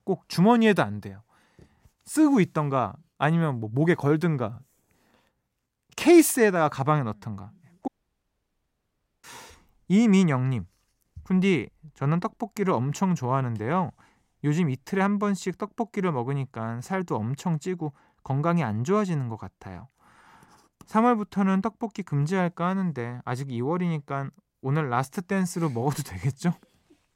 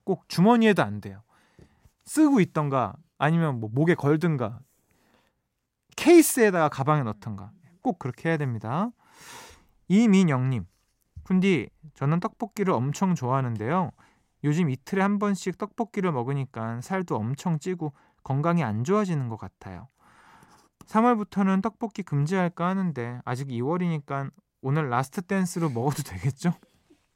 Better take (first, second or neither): second